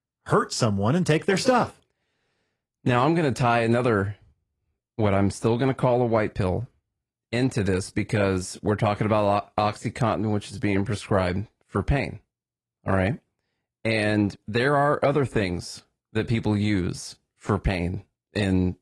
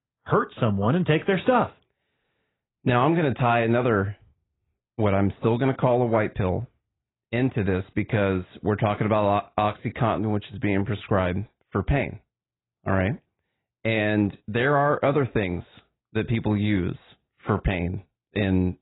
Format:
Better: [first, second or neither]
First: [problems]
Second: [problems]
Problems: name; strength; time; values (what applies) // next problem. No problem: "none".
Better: first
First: garbled, watery; slightly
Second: garbled, watery; badly; nothing above 4 kHz